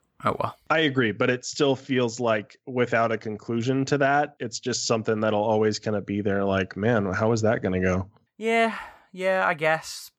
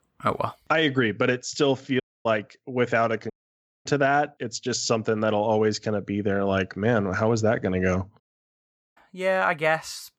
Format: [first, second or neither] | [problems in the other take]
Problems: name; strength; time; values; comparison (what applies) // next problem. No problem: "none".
first | audio cutting out; at 2 s, at 3.5 s for 0.5 s and at 8 s for 1 s